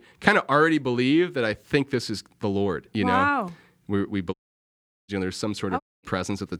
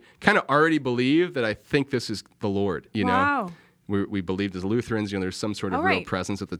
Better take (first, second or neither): second